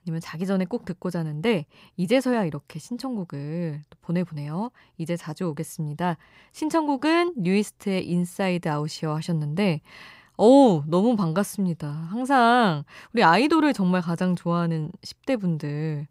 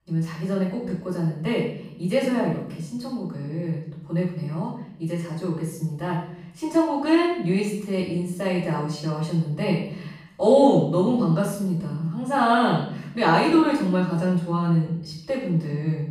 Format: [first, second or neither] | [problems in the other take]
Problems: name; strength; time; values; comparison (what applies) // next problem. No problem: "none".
first | room echo; noticeable; dies away in 0.7 s // off-mic speech; far